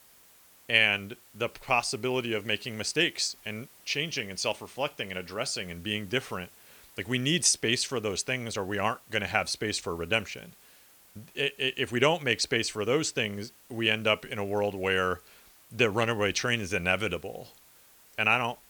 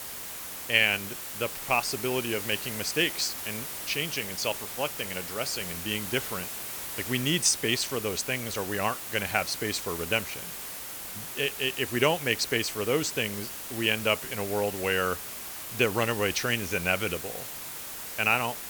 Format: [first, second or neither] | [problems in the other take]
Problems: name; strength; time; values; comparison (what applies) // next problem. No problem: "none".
first | hiss; loud; throughout; 7 dB below the speech; faint in the first